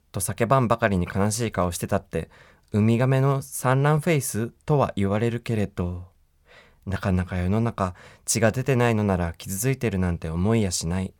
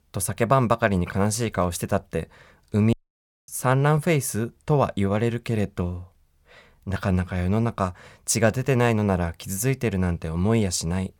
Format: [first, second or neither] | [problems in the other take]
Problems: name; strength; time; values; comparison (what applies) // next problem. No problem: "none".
first | audio cutting out; at 3 s for 0.5 s